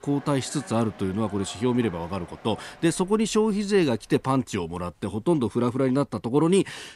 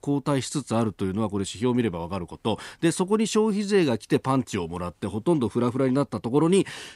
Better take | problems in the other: second | train or aircraft noise; faint; throughout; 20 dB below the speech

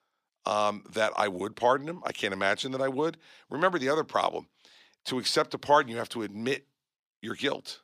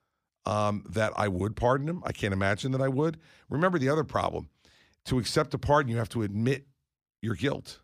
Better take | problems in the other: second | thin; somewhat; fading below 300 Hz

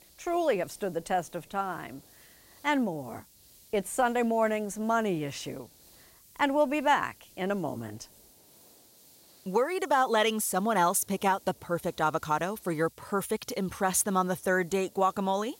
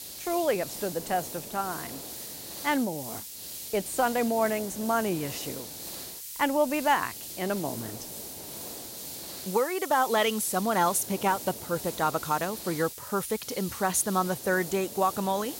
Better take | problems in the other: first | hiss; loud; throughout; 9 dB below the speech; faint in the first

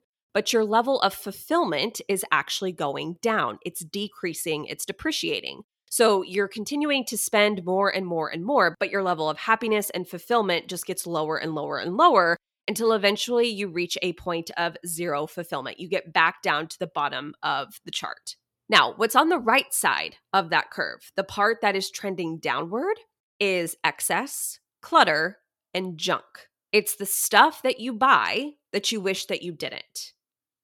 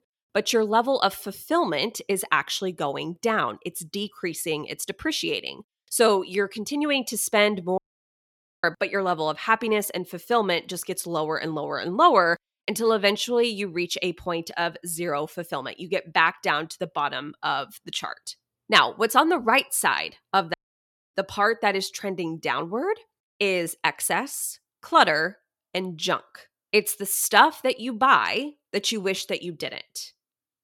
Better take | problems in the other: first | audio cutting out; at 8 s for 1 s and at 21 s for 0.5 s

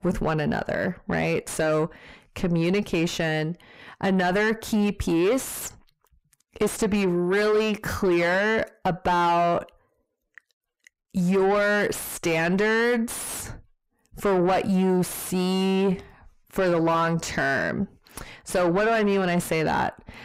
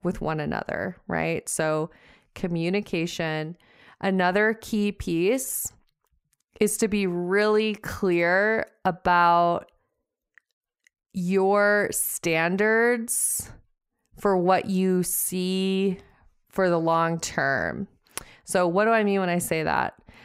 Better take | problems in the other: second | distortion; heavy; 6 dB below the speech

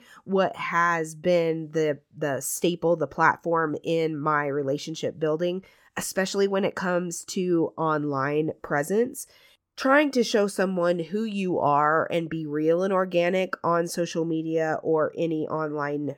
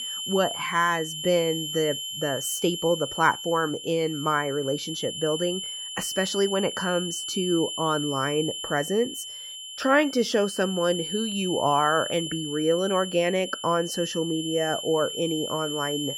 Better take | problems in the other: first | high-pitched whine; loud; throughout; 3 kHz, 6 dB below the speech

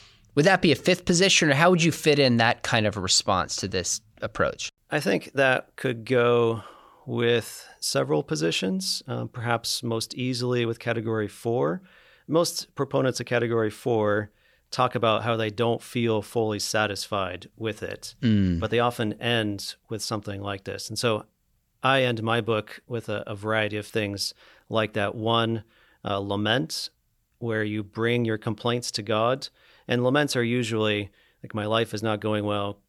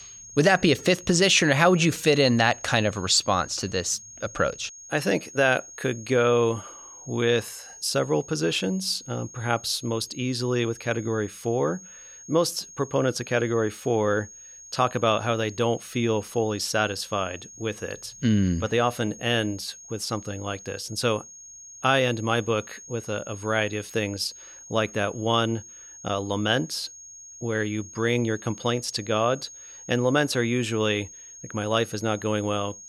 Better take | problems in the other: first | high-pitched whine; noticeable; throughout; 6.5 kHz, 15 dB below the speech

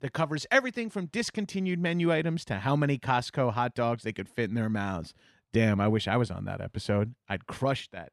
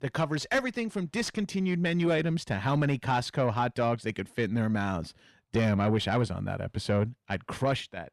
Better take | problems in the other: first | distortion; slight; 10 dB below the speech

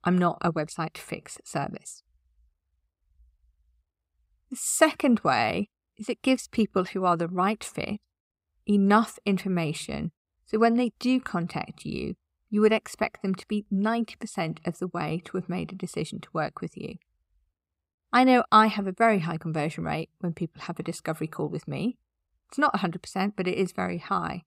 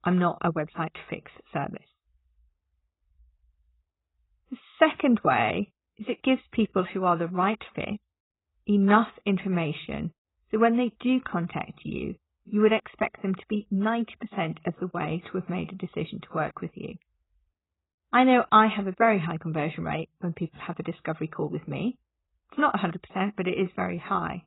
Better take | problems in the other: first | garbled, watery; badly; nothing above 4 kHz

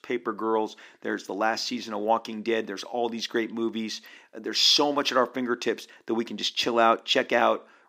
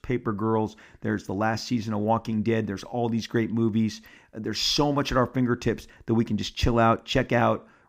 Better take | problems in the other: second | thin; somewhat; fading below 300 Hz

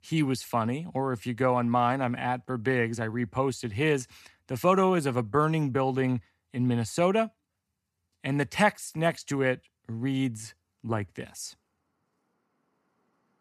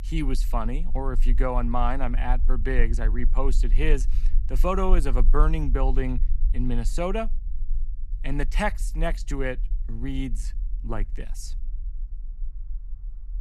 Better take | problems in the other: first | low rumble; faint; throughout; 25 dB below the speech

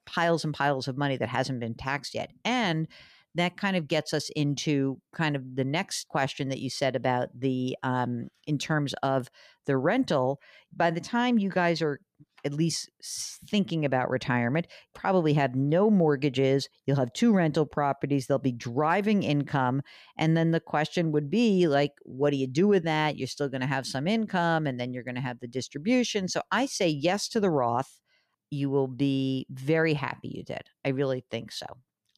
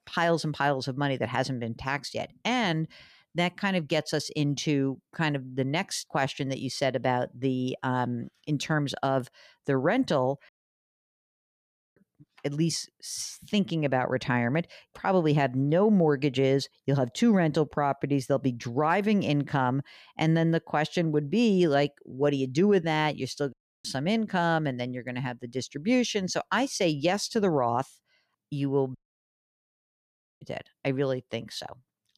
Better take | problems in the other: first | audio cutting out; at 10 s for 1.5 s, at 24 s and at 29 s for 1.5 s

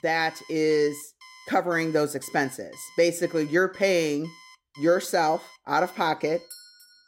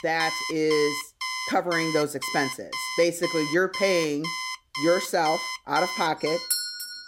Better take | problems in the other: first | alarms or sirens; loud; throughout; 5 dB below the speech; faint in the first

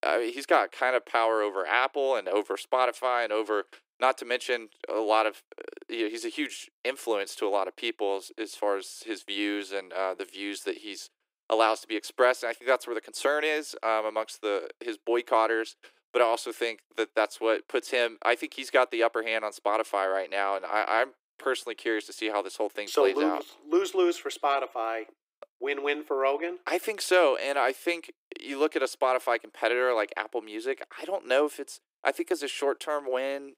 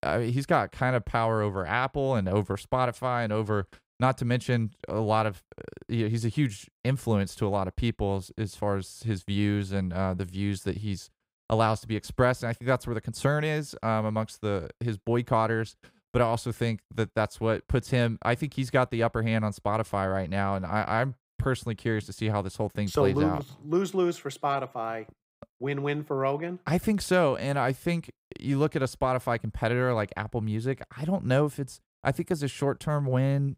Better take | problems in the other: second | thin; very; fading below 300 Hz

